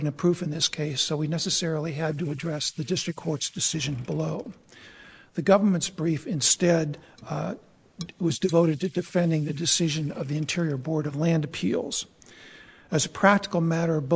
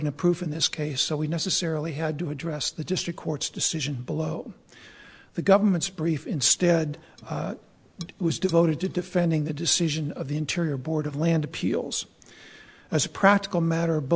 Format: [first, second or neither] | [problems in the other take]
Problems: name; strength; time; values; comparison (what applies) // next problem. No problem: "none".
second | noise reduction (neural mask model Resemble Enhance denoiser)